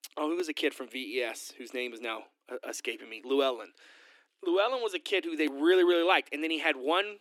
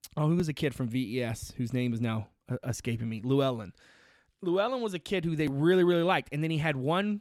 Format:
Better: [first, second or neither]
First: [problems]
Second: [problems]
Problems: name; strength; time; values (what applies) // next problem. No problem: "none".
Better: second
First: thin; somewhat; fading below 300 Hz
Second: none